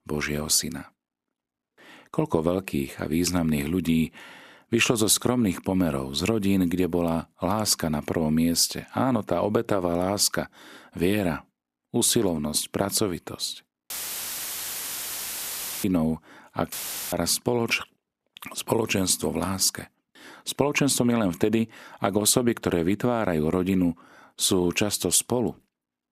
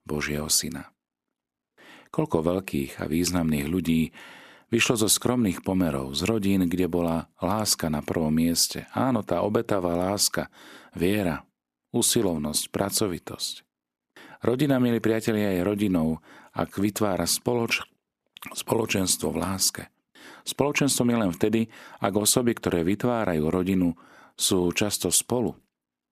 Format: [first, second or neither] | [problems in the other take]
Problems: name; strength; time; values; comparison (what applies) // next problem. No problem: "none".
second | audio cutting out; filled with static; at 14 s for 2 s and at 17 s